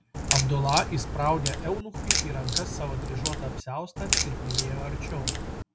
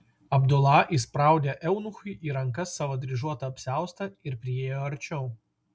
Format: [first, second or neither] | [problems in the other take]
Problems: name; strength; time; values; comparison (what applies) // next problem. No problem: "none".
second | background sound (Crack); 1 dB above the speech